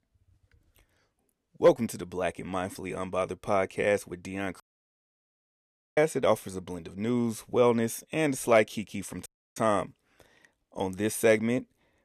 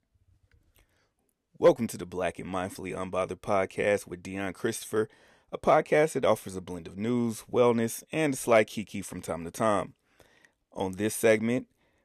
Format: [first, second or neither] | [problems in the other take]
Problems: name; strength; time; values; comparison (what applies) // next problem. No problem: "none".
second | audio cutting out; at 4.5 s for 1.5 s and at 9.5 s